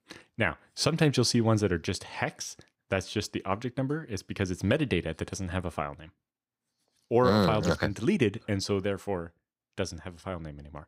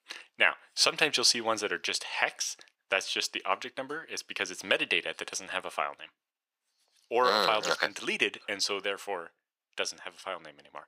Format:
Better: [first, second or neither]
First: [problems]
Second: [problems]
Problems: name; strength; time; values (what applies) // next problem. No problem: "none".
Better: first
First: none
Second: thin; very; fading below 650 Hz